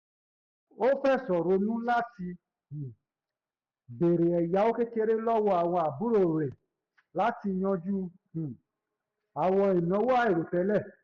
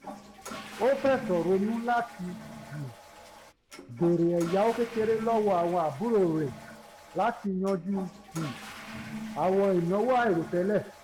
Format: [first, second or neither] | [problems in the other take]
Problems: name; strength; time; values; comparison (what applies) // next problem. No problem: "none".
first | background sound (Toilet flush / Water); 14 dB below the speech